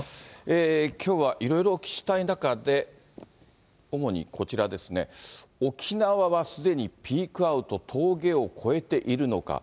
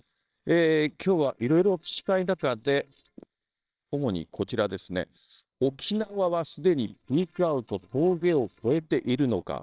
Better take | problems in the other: first | noise reduction (neural separator model SepFormer WHAMR!)

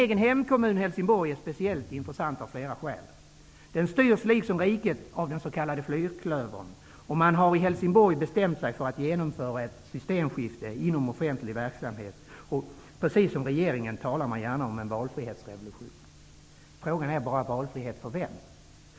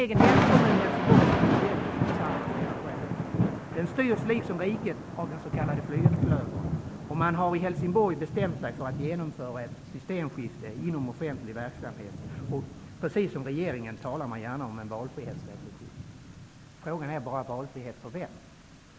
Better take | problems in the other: first | background sound (Thunder / Rain); 3 dB above the speech

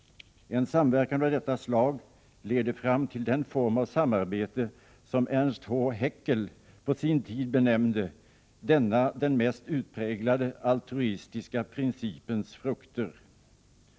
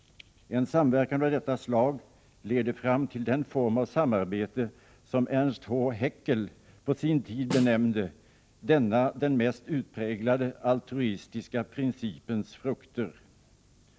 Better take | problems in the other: first | background sound (Snare drum); 11 dB below the speech

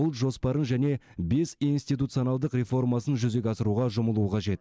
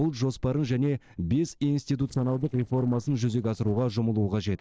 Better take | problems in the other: first | noise reduction (neural separator model SepFormer DNS4)

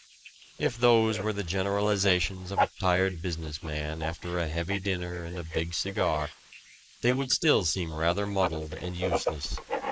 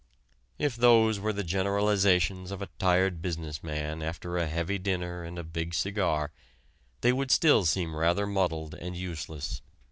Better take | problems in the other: second | noise reduction (neural mask model Resemble Enhance denoiser)

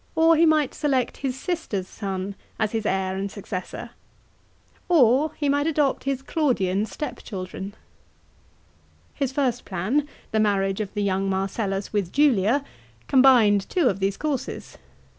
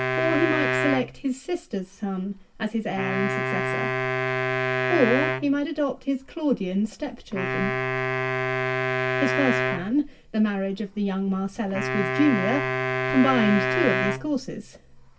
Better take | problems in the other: first | background sound (Wind instrument, woodwind instrument); 1 dB below the speech // room echo; dies away in 0.2 s

